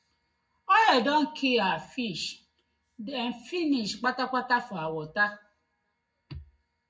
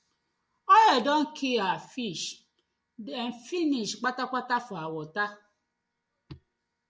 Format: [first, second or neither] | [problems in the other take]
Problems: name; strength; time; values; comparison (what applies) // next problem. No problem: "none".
second | room echo; dies away in 0.3 s